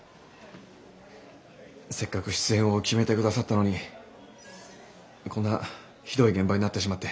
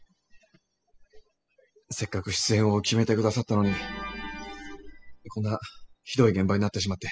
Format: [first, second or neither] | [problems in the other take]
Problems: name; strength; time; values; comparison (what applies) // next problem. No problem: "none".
first | noise reduction (classical method spectral subtraction)